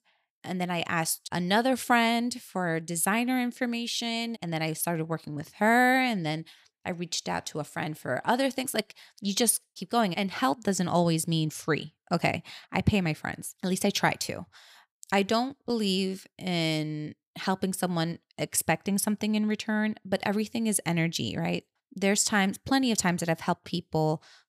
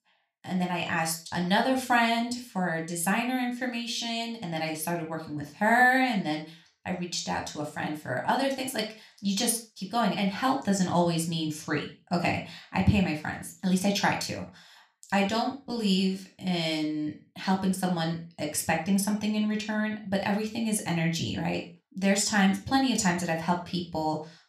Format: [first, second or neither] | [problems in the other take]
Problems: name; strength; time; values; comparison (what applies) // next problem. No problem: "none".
first | room echo; slight; dies away in 0.3 s // off-mic speech; somewhat distant